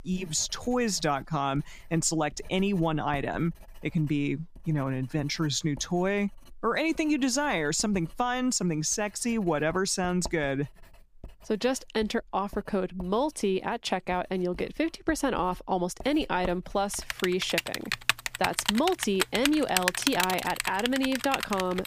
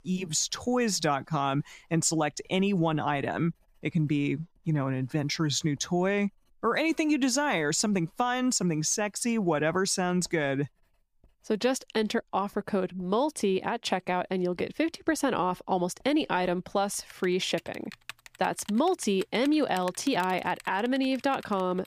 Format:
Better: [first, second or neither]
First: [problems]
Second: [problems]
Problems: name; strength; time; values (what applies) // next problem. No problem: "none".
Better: second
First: household noises; loud; throughout; 3 dB below the speech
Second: household noises; faint; throughout; 20 dB below the speech